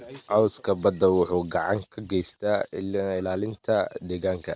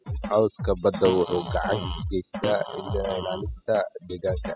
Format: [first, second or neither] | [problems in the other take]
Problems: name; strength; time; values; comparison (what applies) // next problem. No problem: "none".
first | noise reduction (classical method spectral subtraction)